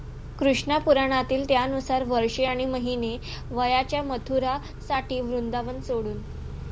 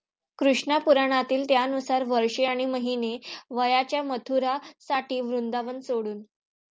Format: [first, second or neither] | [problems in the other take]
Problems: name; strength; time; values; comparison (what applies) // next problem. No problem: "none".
second | background sound (Idling / Accelerating, revving, vroom / Car); 11 dB below the speech